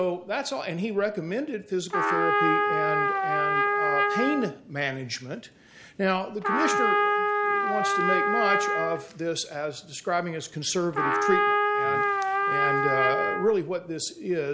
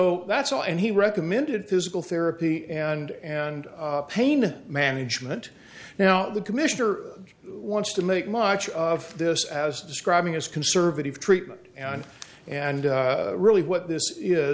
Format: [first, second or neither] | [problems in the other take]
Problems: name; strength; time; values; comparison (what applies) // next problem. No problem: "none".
second | background sound (Trumpet); 3 dB above the speech